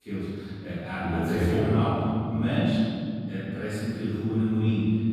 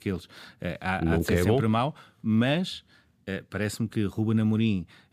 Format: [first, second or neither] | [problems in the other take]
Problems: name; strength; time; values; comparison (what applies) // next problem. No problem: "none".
second | off-mic speech; far // room echo; strong; dies away in 3 s